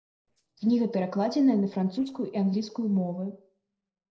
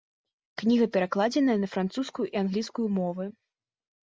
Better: second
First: noise reduction (neural separator model SepFormer DNS4)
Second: none

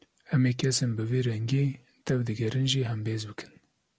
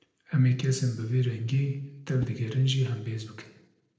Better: first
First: none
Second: noise reduction (neural separator model SepFormer DNS4)

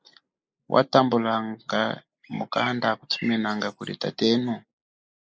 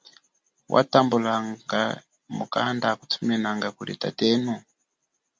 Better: second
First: noise reduction (neural mask model Resemble Enhance denoiser)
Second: none

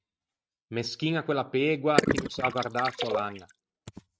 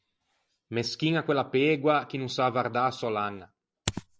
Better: second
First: noise reduction (neural mask model RNNoise)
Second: none

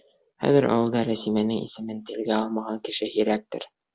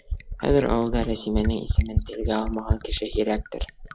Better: first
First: none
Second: background sound (Fill (with liquid)); 1 dB below the speech

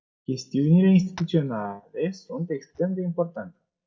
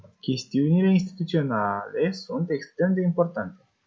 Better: second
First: noise reduction (neural mask model DeepFilterNet 3)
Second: none

